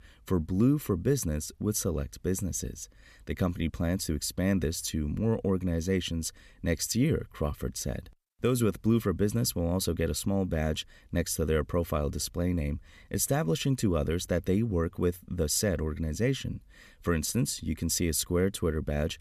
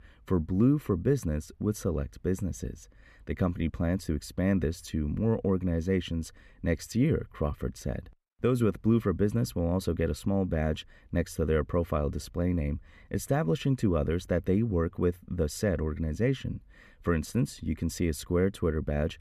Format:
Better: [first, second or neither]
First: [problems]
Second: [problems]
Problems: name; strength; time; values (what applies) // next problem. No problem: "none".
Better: first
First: none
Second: muffled; slightly; fading above 3 kHz